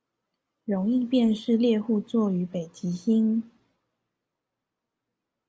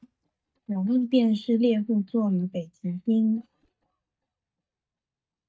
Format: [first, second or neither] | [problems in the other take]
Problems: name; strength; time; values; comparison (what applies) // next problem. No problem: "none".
first | noise reduction (neural mask model DeepFilterNet 3)